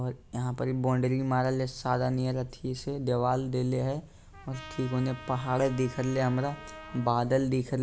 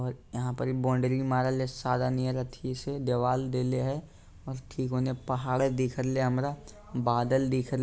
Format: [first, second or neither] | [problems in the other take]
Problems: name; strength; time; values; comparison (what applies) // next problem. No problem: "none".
second | background sound (Trumpet); 17 dB below the speech